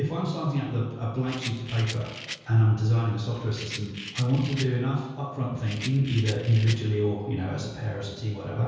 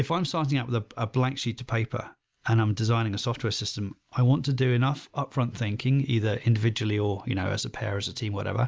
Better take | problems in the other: second | background sound (Rattle); 14 dB below the speech // room echo; dies away in 1.2 s

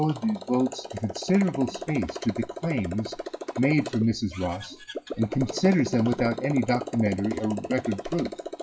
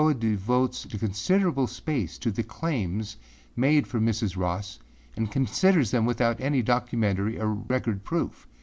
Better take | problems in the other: second | noise reduction (classical method WPE with log-MMSE)

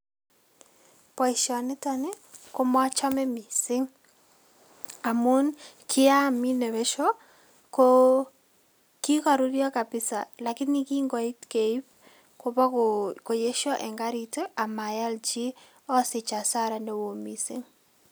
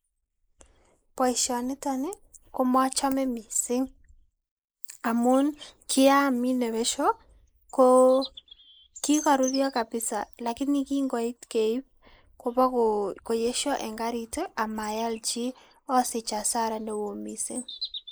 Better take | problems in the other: first | noise reduction (neural mask model Resemble Enhance denoiser)

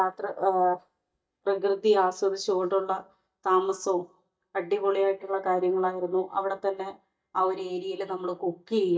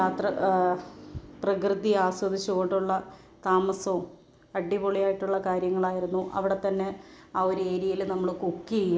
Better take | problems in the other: second | noise reduction (neural mask model DeepFilterNet 3)

